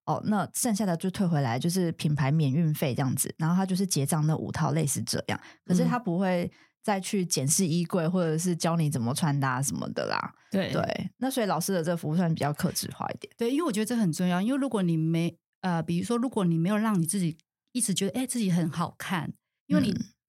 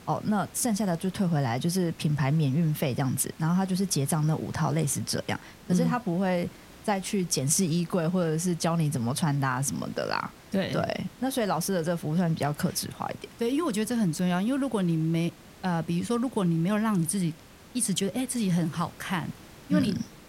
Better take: first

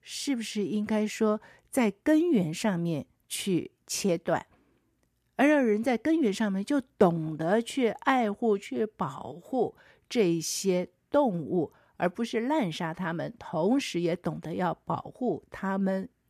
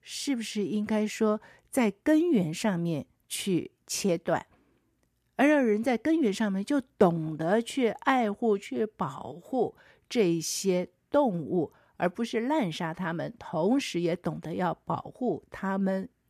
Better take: neither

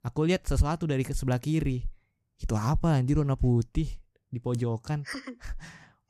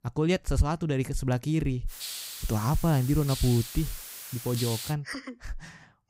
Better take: first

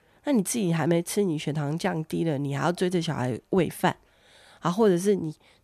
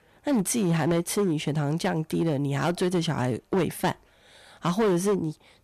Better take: first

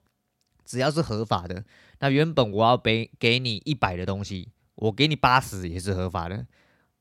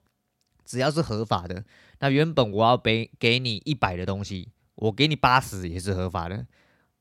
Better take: neither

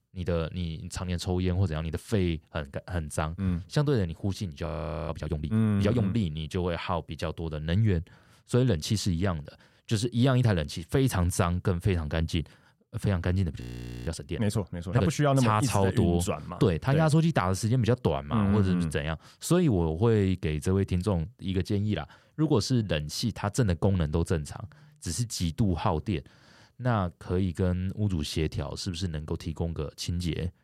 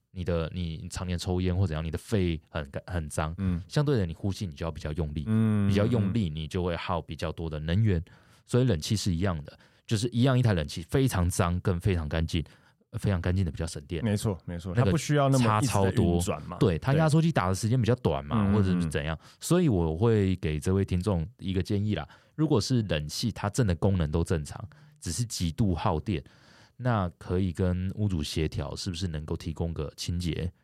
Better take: second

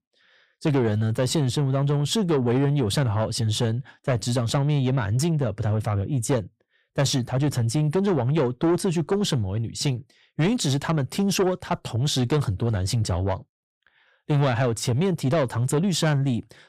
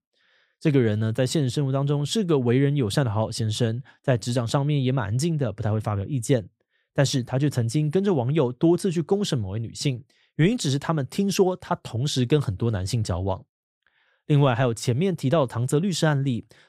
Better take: second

